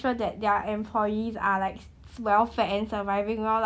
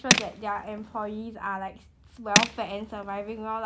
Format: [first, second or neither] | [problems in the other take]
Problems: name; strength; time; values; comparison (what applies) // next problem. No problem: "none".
first | background sound (Tools); 5 dB above the speech